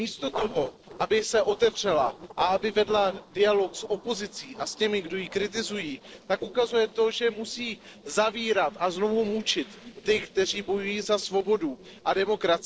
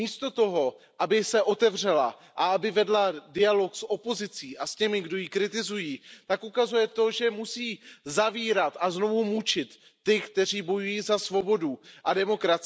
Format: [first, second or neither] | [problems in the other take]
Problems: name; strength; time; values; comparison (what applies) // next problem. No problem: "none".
second | noise reduction (neural separator model SepFormer DNS4)